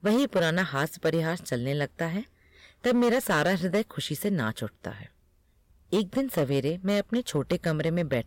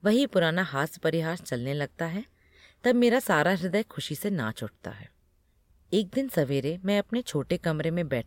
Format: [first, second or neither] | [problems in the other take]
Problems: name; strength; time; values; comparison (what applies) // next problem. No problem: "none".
second | distortion; slight; 6% of the sound clipped